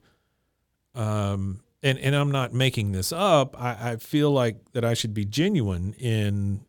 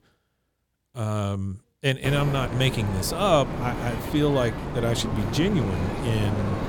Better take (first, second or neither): first